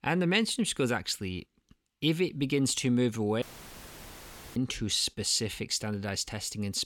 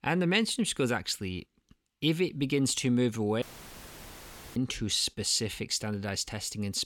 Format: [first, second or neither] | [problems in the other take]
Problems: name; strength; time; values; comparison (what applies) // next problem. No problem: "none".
neither | audio cutting out; filled with static; at 3.5 s for 1 s; the same in both